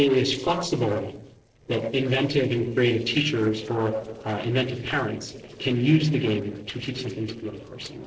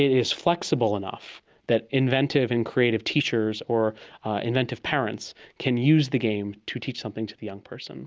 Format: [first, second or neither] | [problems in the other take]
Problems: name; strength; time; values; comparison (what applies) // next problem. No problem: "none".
second | noise reduction (neural separator model SepFormer DNS4)